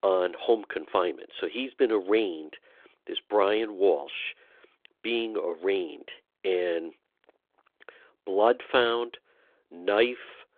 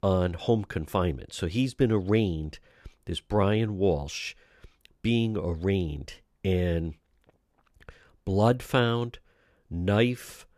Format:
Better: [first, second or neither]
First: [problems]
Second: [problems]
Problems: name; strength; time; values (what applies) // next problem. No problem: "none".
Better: second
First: phone-call audio; nothing above 3.5 kHz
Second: none